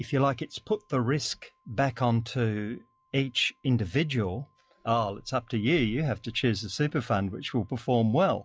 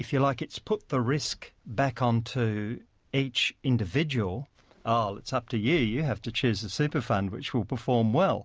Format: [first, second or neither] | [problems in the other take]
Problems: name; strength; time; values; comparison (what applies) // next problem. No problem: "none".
second | noise reduction (classical method log-MMSE)